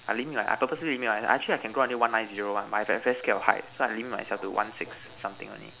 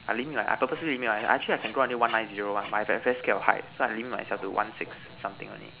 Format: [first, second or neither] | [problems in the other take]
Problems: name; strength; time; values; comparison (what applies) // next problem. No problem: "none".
first | background sound (Bird); 19 dB below the speech